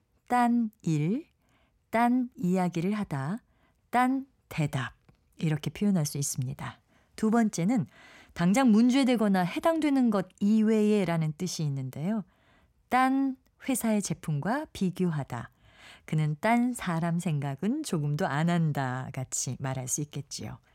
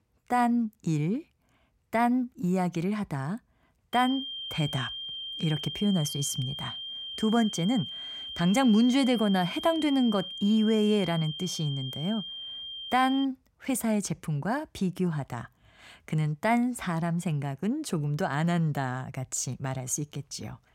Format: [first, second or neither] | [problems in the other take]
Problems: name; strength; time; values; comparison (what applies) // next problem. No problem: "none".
first | high-pitched whine; loud; from 4 to 13 s; 3 kHz, 7 dB below the speech